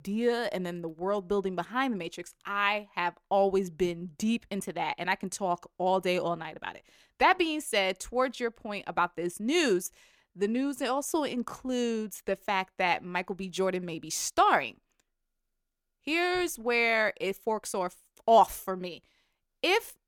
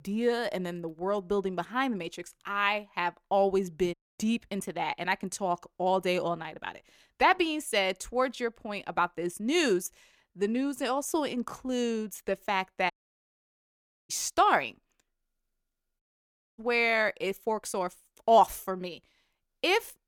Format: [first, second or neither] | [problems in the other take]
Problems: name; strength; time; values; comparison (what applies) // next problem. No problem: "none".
first | audio cutting out; at 4 s, at 13 s for 1 s and at 16 s for 0.5 s